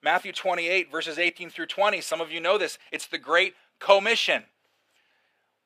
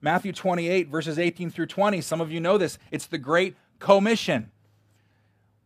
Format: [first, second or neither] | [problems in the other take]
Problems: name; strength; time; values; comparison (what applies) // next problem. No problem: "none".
second | thin; very; fading below 550 Hz